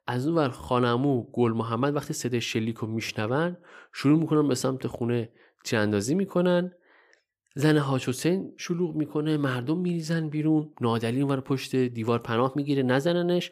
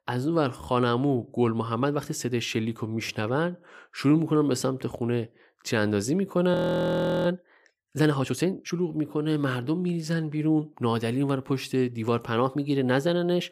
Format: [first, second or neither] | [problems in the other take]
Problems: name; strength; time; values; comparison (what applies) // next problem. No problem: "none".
first | audio freezing; at 6.5 s for 0.5 s